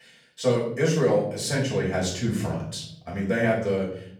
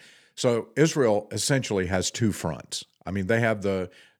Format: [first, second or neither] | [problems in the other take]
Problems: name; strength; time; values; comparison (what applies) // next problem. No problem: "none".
second | off-mic speech; far // room echo; noticeable; dies away in 0.6 s